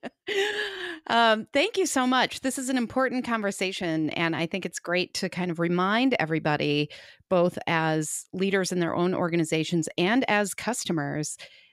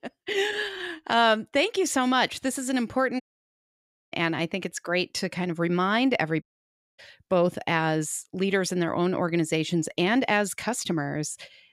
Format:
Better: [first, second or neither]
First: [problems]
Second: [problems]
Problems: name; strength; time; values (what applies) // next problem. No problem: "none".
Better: first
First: none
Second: audio cutting out; at 3 s for 1 s and at 6.5 s for 0.5 s